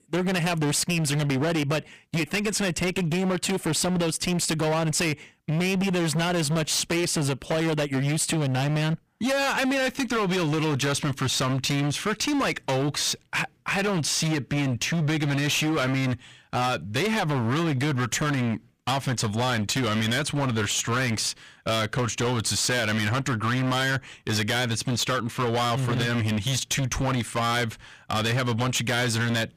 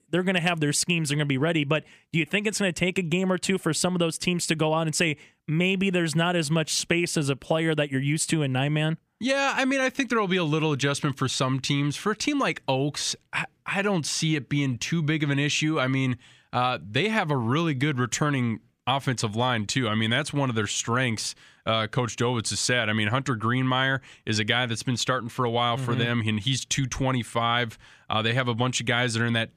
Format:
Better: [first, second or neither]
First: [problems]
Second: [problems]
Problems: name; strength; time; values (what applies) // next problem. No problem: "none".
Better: second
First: distortion; heavy; 28% of the sound clipped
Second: none